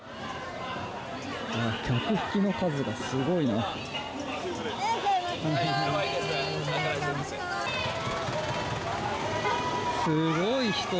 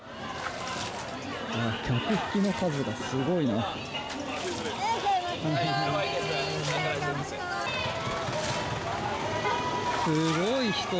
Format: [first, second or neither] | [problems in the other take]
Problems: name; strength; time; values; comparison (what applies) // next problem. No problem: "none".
first | background sound (Bathtub (filling or washing) / Water / Liquid); 15 dB below the speech